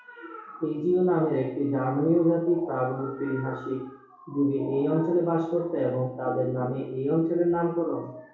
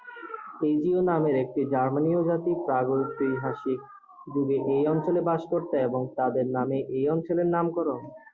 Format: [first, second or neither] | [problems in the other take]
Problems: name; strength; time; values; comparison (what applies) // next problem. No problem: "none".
second | room echo; dies away in 0.6 s